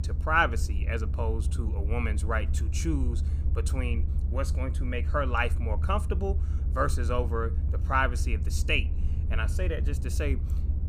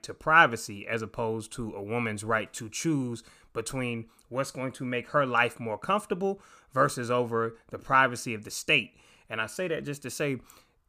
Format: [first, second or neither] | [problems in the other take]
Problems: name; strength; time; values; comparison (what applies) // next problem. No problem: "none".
second | low rumble; noticeable; throughout; 15 dB below the speech